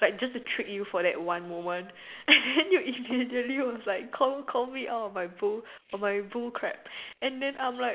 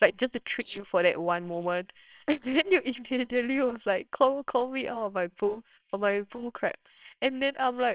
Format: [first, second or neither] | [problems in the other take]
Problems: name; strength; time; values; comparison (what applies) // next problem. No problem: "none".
first | noise reduction (neural separator model SepFormer WHAMR!)